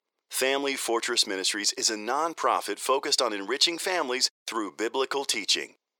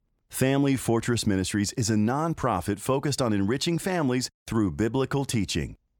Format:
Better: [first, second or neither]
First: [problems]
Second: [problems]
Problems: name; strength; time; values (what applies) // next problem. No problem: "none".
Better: second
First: thin; very; fading below 400 Hz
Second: none